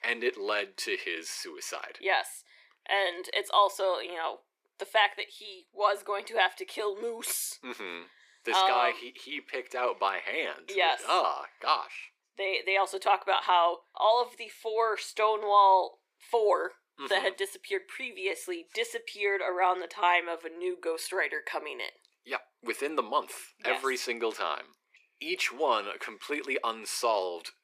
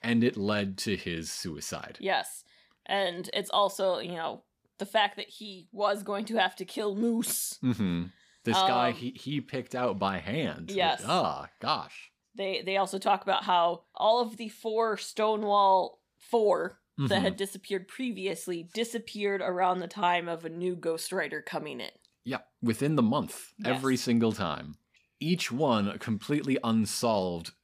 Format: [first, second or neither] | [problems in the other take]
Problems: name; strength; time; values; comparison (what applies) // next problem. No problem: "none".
second | thin; very; fading below 350 Hz